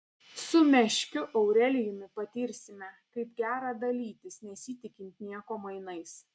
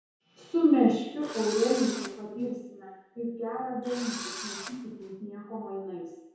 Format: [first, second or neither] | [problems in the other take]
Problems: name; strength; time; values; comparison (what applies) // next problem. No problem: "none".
first | background sound (Engine / Drill); 11 dB below the speech // room echo; dies away in 0.9 s